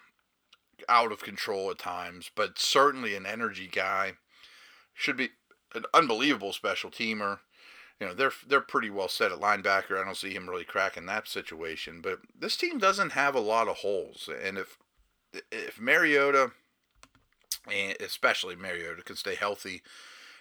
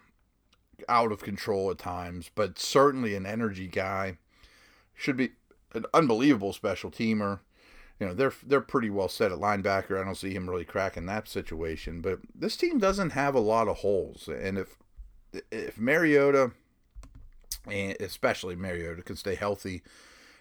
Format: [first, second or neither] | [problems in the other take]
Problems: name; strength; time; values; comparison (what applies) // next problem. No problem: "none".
second | thin; somewhat; fading below 700 Hz